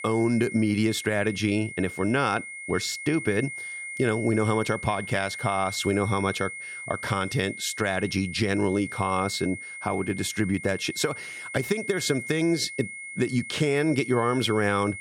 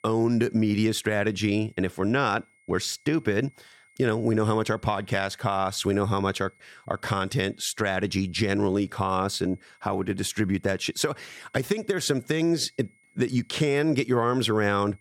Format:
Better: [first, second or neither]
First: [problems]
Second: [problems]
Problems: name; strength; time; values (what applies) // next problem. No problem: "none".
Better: second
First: high-pitched whine; loud; throughout; 2 kHz, 9 dB below the speech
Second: high-pitched whine; faint; throughout; 2 kHz, 35 dB below the speech